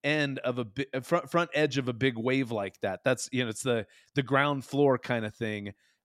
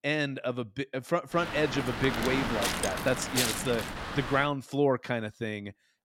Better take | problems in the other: first | wind noise on the microphone; heavy; from 1.5 to 4.5 s; 1 dB below the speech

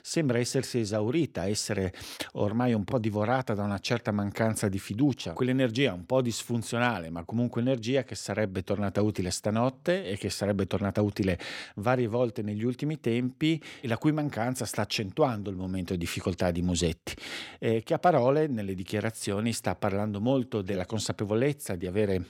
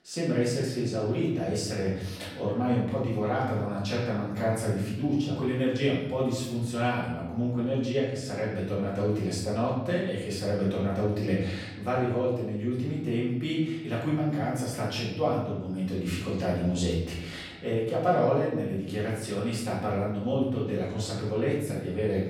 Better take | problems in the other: first | off-mic speech; far // room echo; noticeable; dies away in 1 s

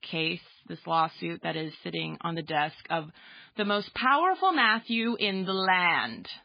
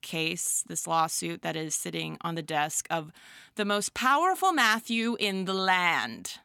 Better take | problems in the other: second | garbled, watery; badly; nothing above 4.5 kHz

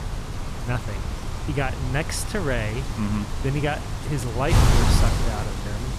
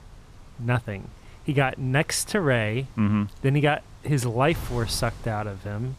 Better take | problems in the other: second | wind noise on the microphone; heavy; 2 dB below the speech; occasional gusts in the second

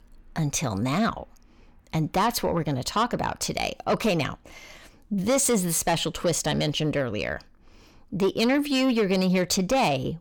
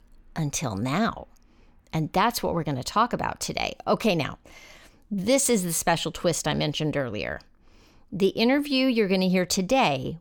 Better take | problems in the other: second | distortion; slight; 10 dB below the speech

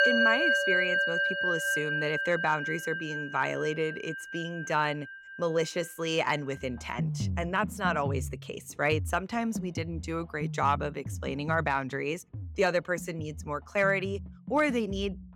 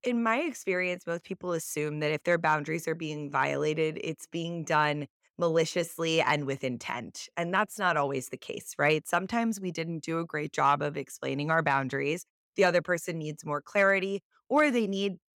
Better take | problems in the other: second | background music; loud; throughout; 1 dB below the speech

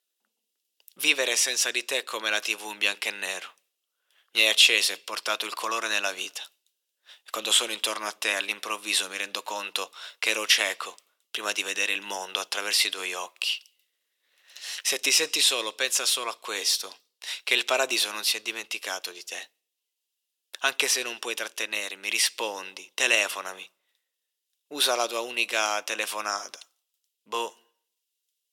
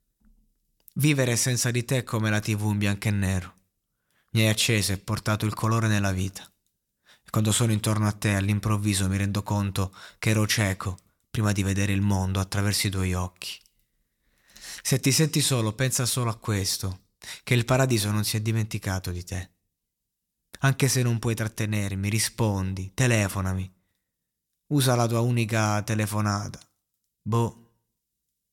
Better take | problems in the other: second | thin; very; fading below 450 Hz

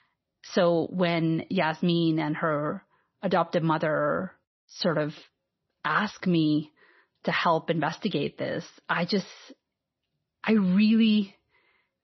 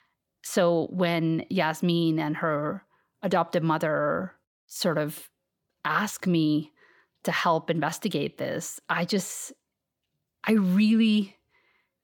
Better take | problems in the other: second | garbled, watery; slightly; nothing above 6 kHz

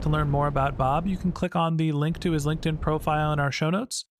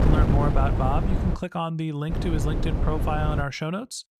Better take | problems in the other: first | wind noise on the microphone; heavy; until 1.5 s and from 2 to 3.5 s; 4 dB below the speech; occasional gusts in the first

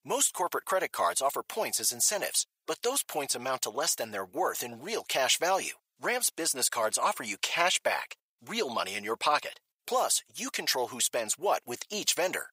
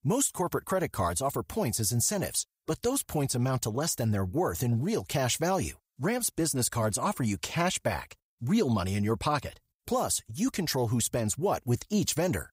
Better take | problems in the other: second | thin; very; fading below 600 Hz

